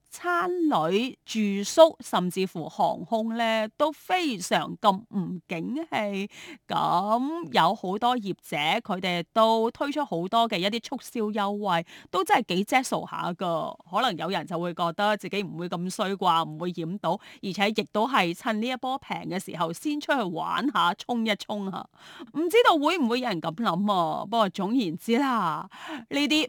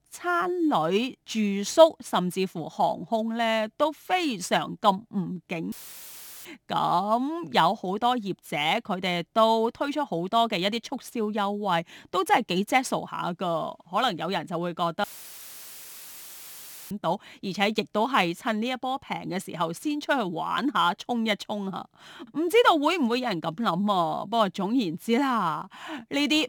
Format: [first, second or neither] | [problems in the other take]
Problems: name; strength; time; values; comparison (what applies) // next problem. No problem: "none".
first | audio cutting out; filled with static; at 5.5 s for 0.5 s and at 15 s for 2 s